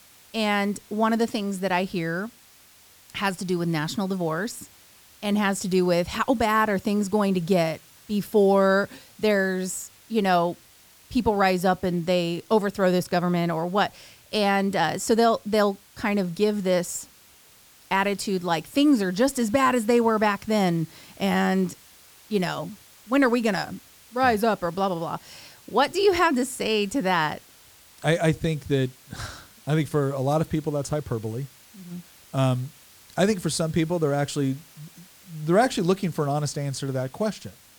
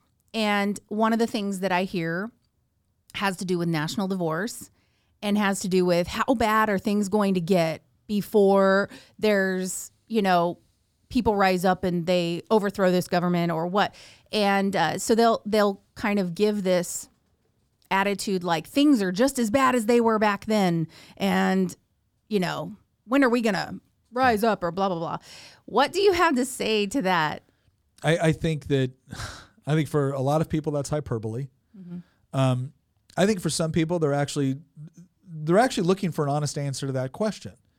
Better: second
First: hiss; faint; throughout; 25 dB below the speech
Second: none

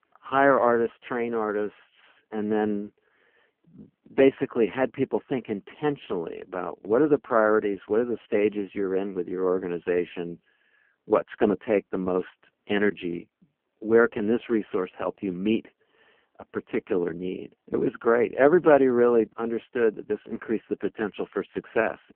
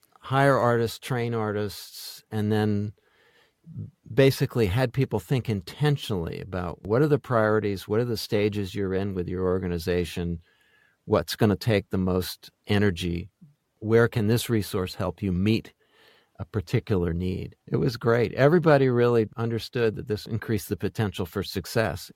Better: second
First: phone-call audio; poor line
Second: none

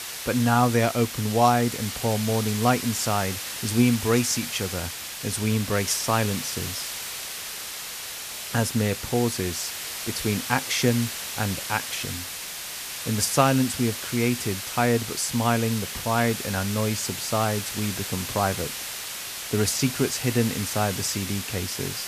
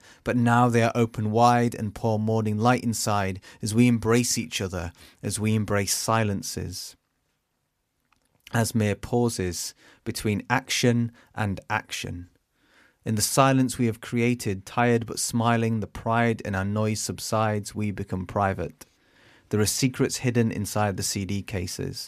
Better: second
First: hiss; loud; throughout; 6 dB below the speech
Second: none

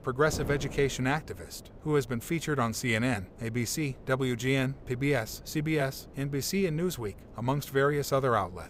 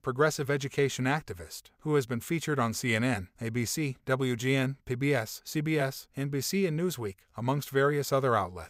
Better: second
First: wind noise on the microphone; occasional gusts; 20 dB below the speech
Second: none

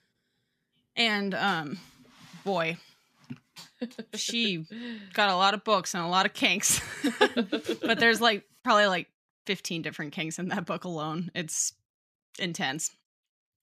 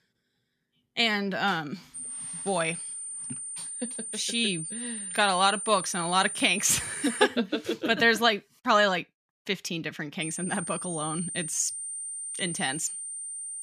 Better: first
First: none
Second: high-pitched whine; loud; from 2 to 7 s and from 10 s on; 9 kHz, 7 dB below the speech

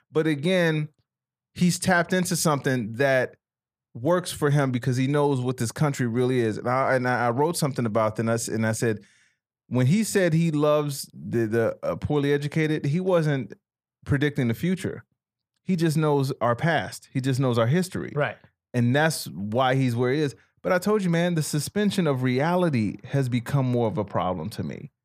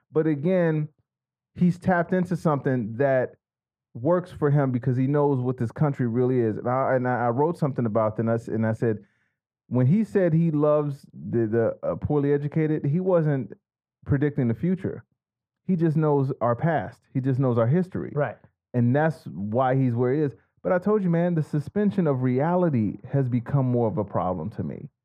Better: first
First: none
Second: muffled; very; fading above 2.5 kHz

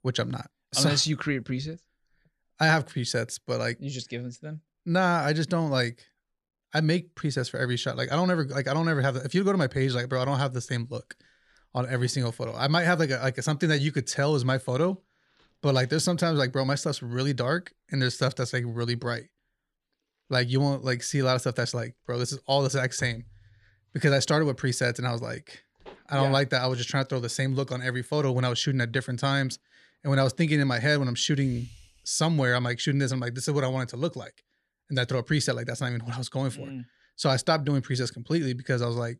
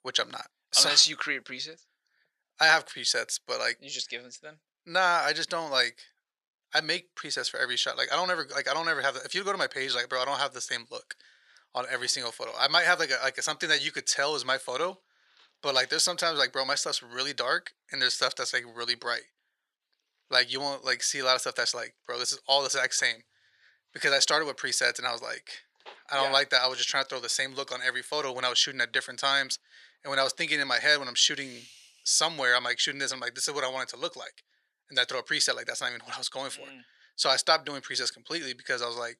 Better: first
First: none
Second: thin; very; fading below 700 Hz

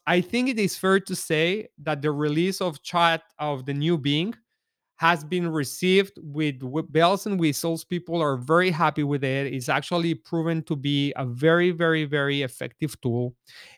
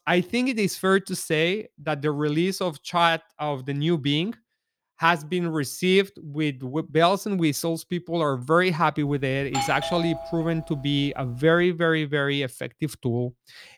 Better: first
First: none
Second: doorbell; noticeable; from 9.5 to 11 s; peak 4 dB below the speech

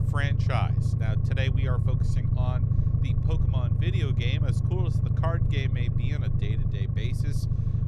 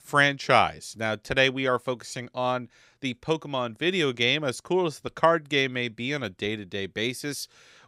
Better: second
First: low rumble; loud; throughout; 1 dB below the speech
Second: none

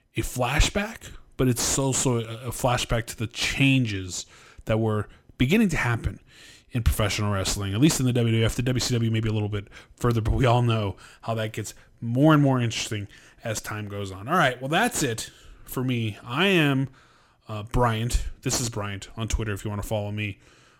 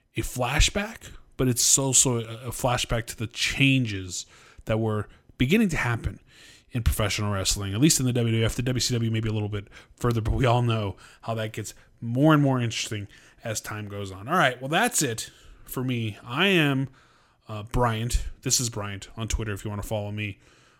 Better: second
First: distortion; slight; 10 dB below the speech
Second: none

